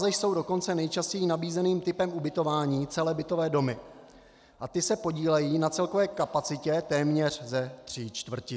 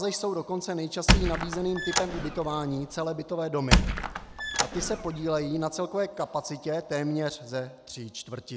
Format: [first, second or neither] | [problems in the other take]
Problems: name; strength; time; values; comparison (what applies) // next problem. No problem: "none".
first | background sound (Squeak); 3 dB above the speech